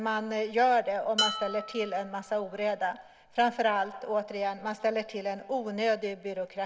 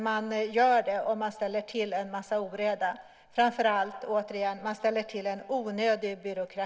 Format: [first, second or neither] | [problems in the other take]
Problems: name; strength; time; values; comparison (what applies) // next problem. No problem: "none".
second | background sound (Dishes, pots, and pans); 8 dB below the speech